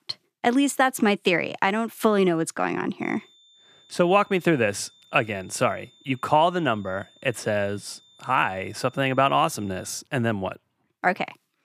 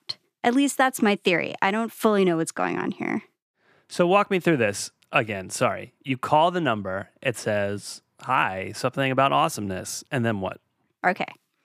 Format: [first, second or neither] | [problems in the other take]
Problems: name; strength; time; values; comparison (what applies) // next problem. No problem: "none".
second | high-pitched whine; faint; from 3 to 10 s; 3.5 kHz, 30 dB below the speech